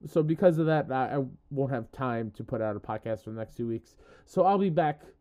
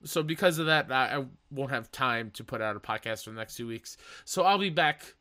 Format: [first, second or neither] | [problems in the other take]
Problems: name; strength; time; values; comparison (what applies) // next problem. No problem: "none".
second | muffled; very; fading above 1 kHz